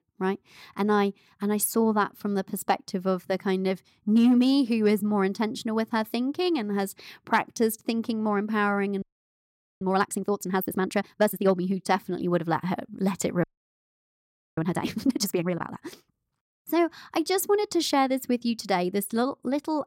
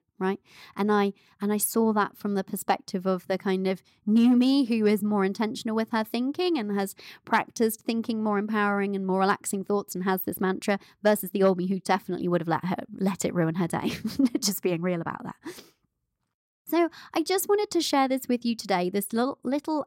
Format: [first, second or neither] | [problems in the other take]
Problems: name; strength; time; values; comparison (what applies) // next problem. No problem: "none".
second | audio freezing; at 9 s for 1 s and at 13 s for 1 s